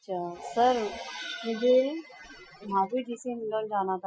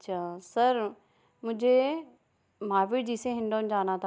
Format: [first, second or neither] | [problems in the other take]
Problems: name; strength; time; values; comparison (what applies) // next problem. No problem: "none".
second | noise reduction (classical method Wiener filter)